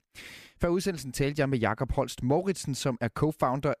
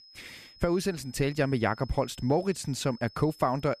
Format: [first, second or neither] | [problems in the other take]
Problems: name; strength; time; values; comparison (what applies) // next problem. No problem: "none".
first | high-pitched whine; faint; throughout; 5 kHz, 20 dB below the speech